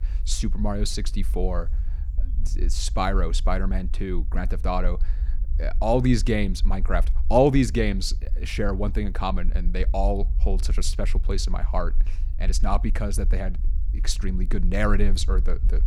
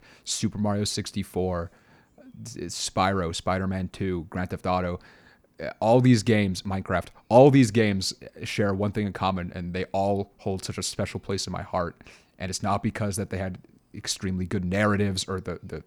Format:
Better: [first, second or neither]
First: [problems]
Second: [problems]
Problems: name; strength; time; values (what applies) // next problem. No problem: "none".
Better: second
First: low rumble; faint; throughout; 20 dB below the speech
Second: none